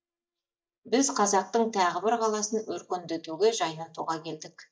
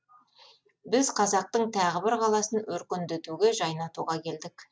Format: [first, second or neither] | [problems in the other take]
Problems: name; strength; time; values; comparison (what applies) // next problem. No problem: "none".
second | noise reduction (neural mask model DeepFilterNet 3)